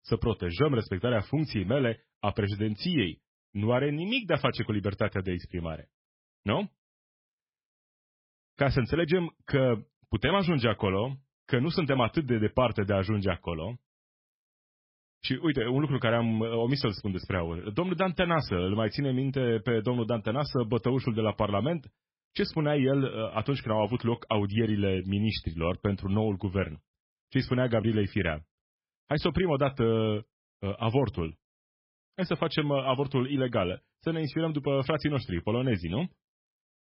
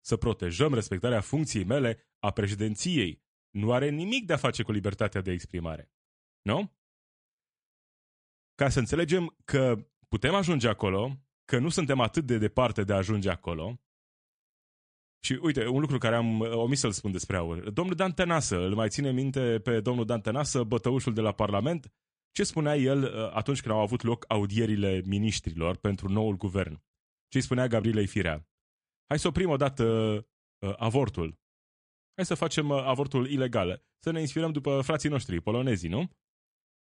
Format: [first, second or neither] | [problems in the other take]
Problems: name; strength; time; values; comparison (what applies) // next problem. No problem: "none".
second | garbled, watery; badly; nothing above 5.5 kHz; slightly in the second